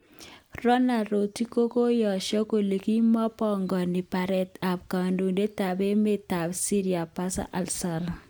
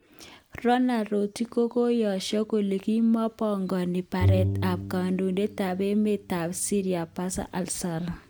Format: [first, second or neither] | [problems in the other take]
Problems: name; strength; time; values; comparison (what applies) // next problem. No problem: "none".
first | background sound (Bowed string instrument); 4 dB below the speech